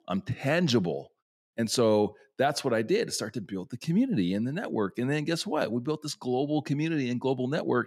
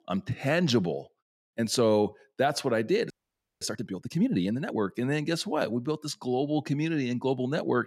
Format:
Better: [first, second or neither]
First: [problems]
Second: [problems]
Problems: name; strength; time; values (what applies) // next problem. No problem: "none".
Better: first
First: none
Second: audio freezing; at 3 s for 0.5 s